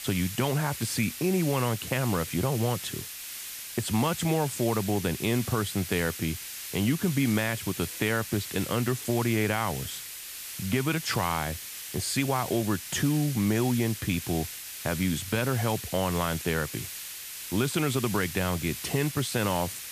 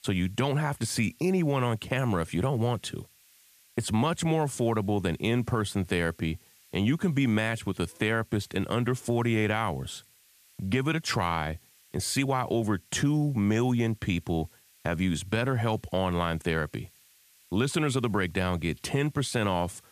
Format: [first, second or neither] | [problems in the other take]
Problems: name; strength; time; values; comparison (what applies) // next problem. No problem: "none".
second | hiss; loud; throughout; 8 dB below the speech; faint in the second